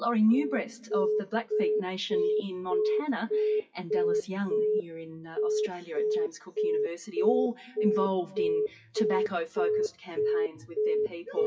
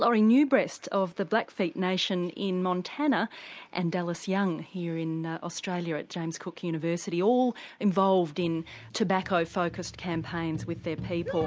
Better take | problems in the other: second | noise reduction (classical method WPE with log-MMSE)

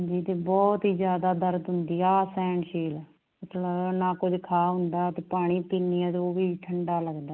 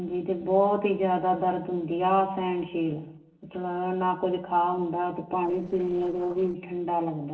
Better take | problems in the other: first | noise reduction (neural separator model SepFormer DNS4)

